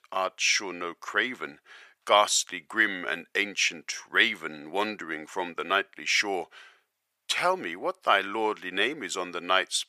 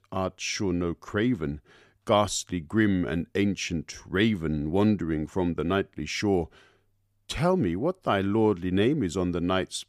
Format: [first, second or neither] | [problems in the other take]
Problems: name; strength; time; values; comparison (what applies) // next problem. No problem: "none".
second | thin; very; fading below 800 Hz